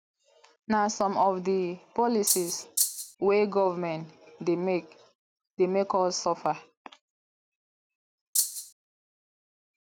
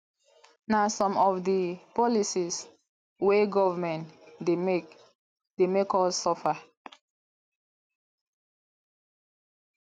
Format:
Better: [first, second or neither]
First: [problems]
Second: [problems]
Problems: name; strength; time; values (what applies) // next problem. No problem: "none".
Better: second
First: background sound (Rattle (instrument)); 1 dB above the speech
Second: none